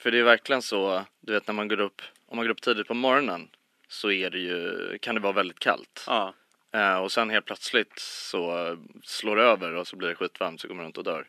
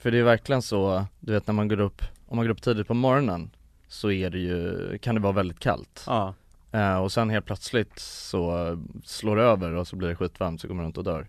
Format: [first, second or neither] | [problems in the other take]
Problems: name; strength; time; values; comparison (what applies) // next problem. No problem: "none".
second | thin; somewhat; fading below 250 Hz